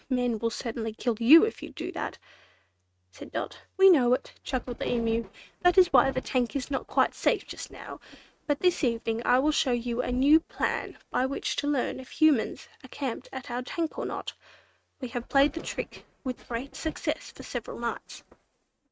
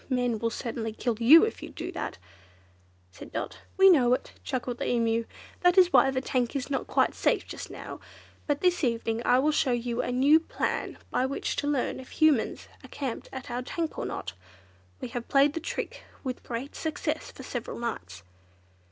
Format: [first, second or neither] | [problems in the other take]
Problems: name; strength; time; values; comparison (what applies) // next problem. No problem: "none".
second | noise reduction (neural mask model RNNoise)